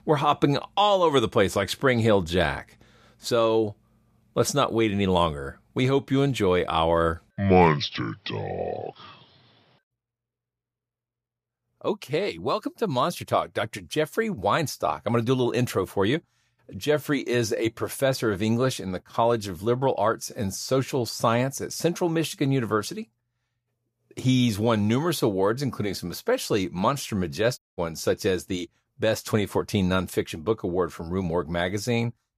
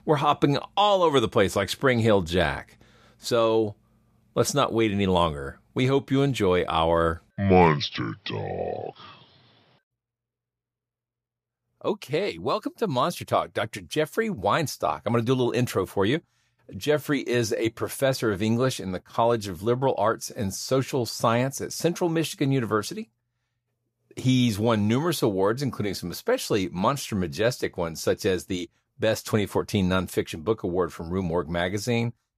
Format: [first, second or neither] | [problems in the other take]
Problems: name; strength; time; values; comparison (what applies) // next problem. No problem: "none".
second | audio cutting out; at 28 s